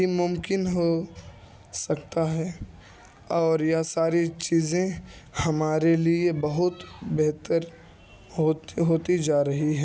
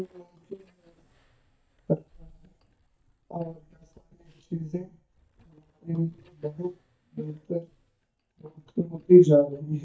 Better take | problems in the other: first | noise reduction (neural mask model DeepFilterNet 3)

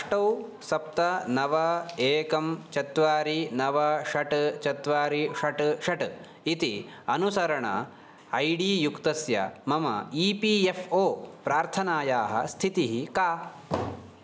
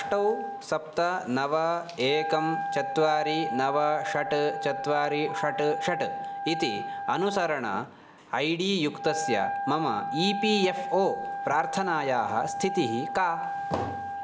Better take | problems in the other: first | background sound (Wind instrument, woodwind instrument); 6 dB below the speech

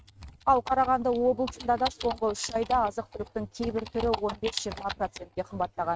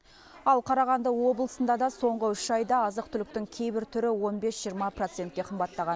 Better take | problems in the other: second | noise reduction (neural mask model RNNoise)

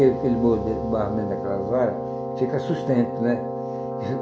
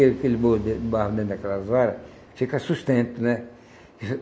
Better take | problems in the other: second | background sound (Keyboard (musical)); 5 dB below the speech // room echo; dies away in 0.6 s

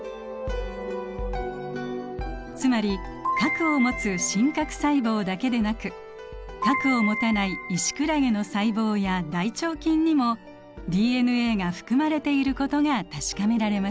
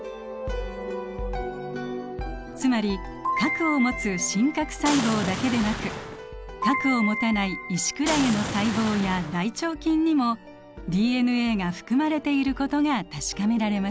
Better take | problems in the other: first | background sound (Boom); 6 dB below the speech

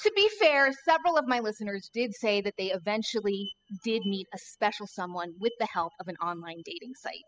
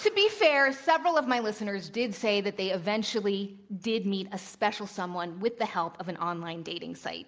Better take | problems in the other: second | noise reduction (classical method spectral subtraction)

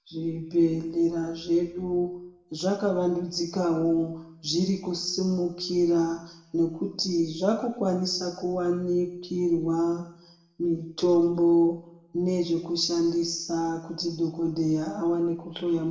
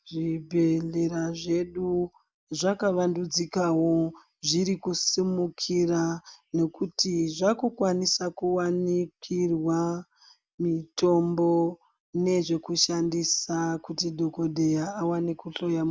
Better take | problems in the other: second | room echo; dies away in 0.8 s

